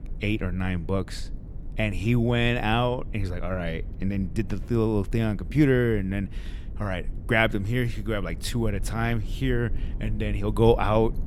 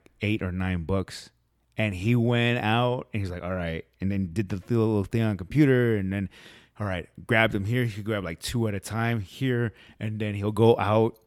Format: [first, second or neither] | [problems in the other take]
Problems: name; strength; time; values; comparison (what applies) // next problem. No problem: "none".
second | low rumble; faint; throughout; 25 dB below the speech